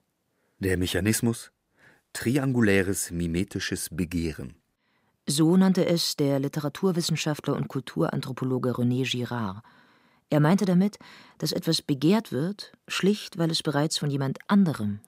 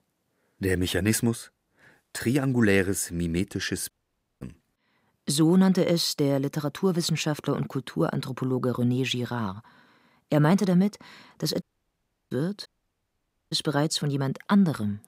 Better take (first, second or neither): first